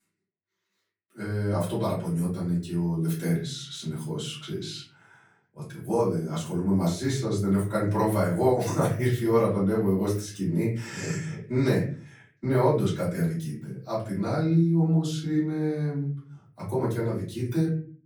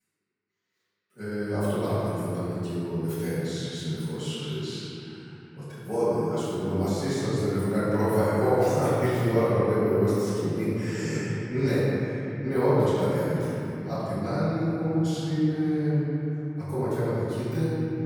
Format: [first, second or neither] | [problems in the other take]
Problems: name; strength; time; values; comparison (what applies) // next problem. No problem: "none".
first | room echo; strong; dies away in 3 s; slight in the first // off-mic speech; far; far in the first